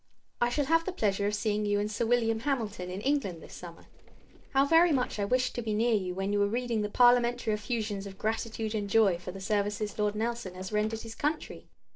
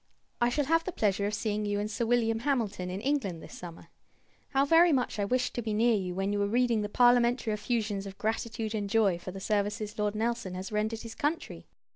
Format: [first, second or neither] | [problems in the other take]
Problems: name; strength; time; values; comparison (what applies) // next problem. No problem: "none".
second | noise reduction (neural separator model SepFormer DNS4)